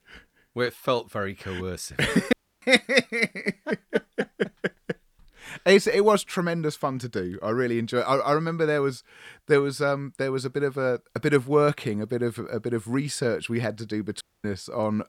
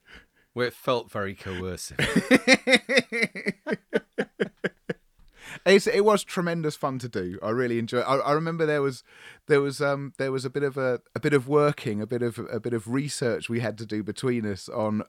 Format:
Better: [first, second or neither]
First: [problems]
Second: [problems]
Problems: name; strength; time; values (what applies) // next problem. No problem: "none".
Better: second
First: audio cutting out; at 2.5 s and at 14 s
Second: none